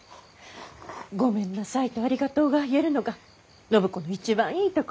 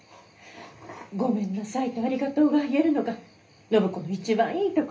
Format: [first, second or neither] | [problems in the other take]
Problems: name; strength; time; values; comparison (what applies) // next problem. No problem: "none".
first | room echo; dies away in 0.3 s